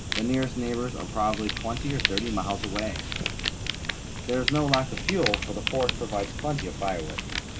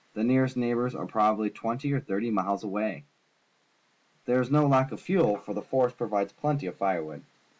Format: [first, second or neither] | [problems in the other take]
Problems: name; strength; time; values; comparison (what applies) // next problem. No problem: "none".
second | background sound (Fire); 2 dB below the speech